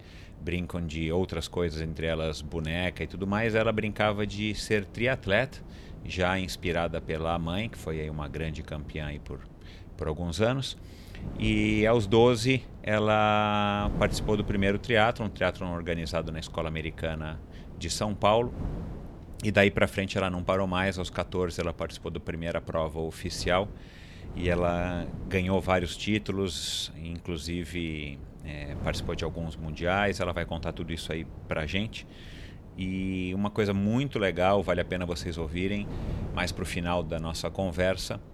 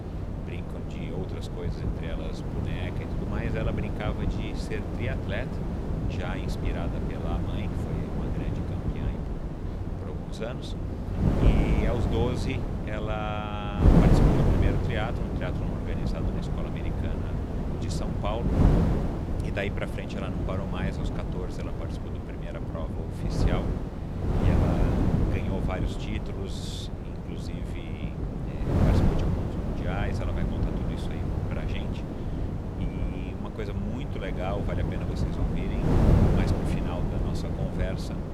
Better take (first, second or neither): first